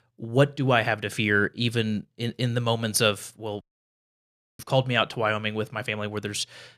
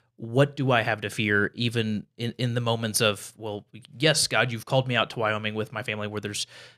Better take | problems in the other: second | audio cutting out; at 3.5 s for 1 s

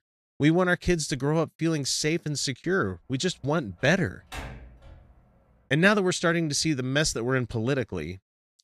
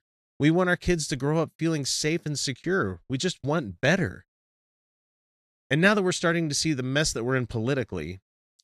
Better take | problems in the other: second | door banging; faint; from 4 to 5 s; peak 15 dB below the speech

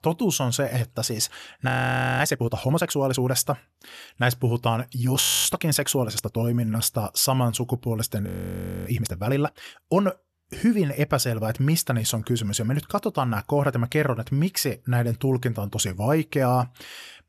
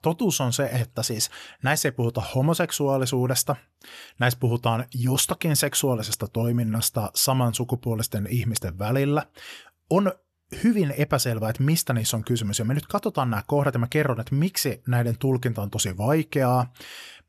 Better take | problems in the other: second | audio freezing; at 1.5 s for 0.5 s, at 5 s and at 8.5 s for 0.5 s

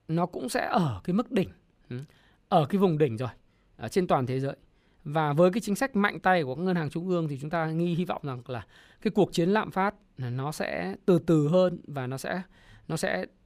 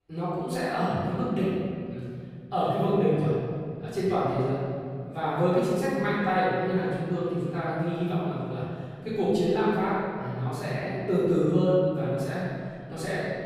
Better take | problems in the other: first | off-mic speech; far // room echo; strong; dies away in 2.3 s

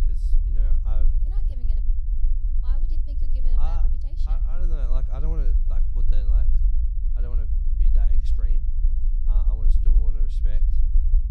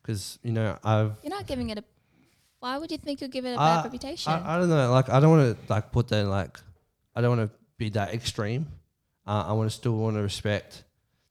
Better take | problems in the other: second | low rumble; loud; throughout; 2 dB below the speech

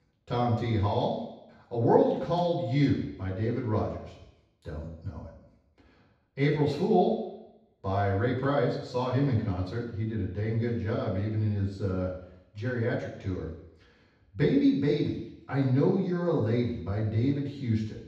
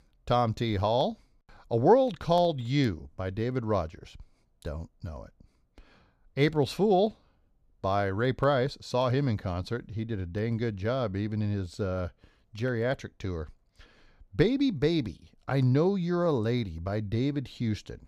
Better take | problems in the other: second | room echo; noticeable; dies away in 0.8 s // off-mic speech; far

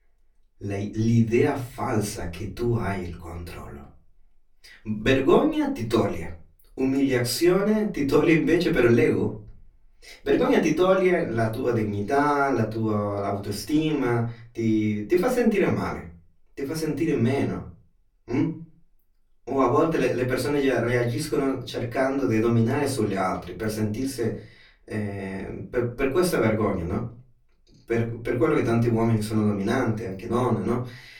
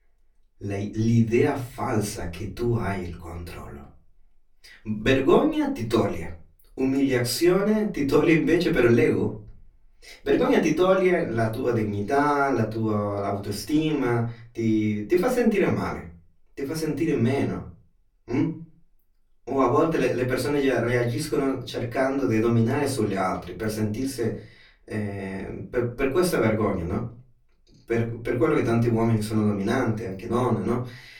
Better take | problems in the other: neither | off-mic speech; far; the same in both // room echo; very slight; dies away in 0.3 s; the same in both

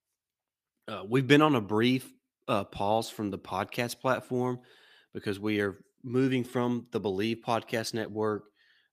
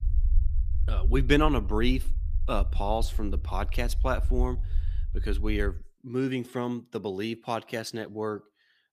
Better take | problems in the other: first | low rumble; faint; until 6 s; 20 dB below the speech

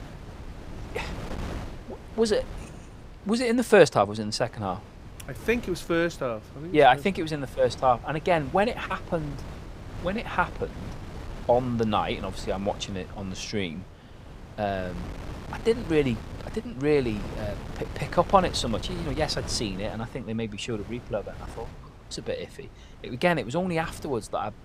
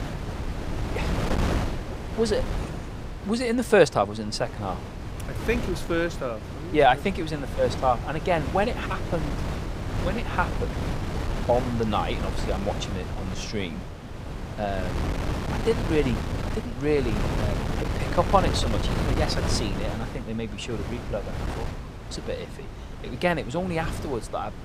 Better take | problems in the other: first | wind noise on the microphone; heavy; 8 dB below the speech; occasional gusts in the first

